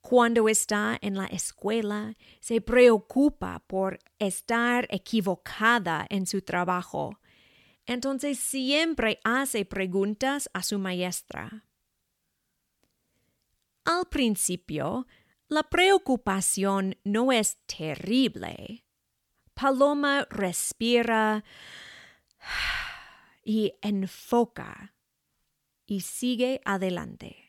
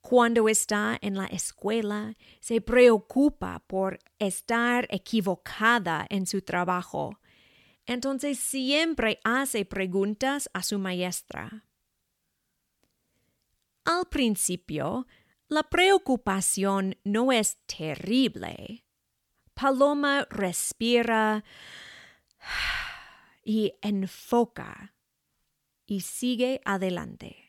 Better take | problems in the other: neither | none

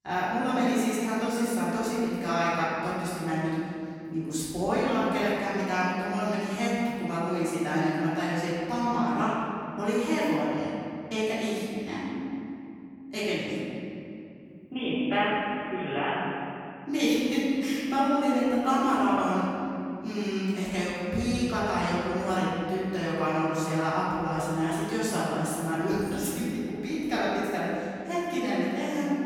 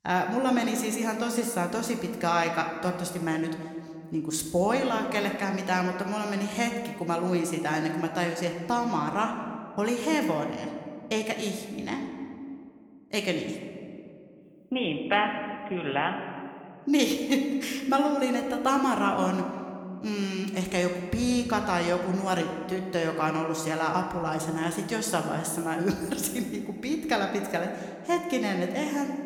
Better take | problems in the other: second | room echo; strong; dies away in 2.9 s; slight in the second // off-mic speech; far

